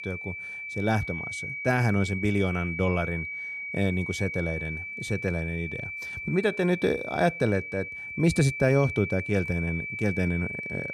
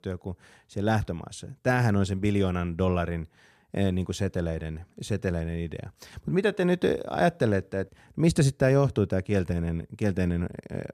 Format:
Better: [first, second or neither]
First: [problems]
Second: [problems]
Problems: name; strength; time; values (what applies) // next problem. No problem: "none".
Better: second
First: high-pitched whine; loud; throughout; 2.5 kHz, 6 dB below the speech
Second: none